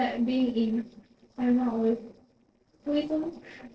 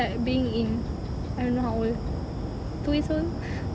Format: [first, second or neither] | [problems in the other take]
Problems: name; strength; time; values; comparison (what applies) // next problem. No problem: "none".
second | noise reduction (neural separator model SepFormer DNS4)